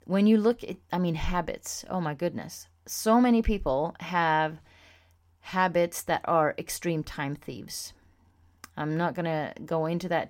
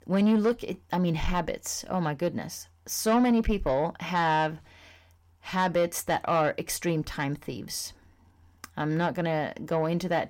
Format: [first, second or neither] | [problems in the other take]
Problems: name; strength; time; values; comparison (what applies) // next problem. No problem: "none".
first | distortion; slight; 10 dB below the speech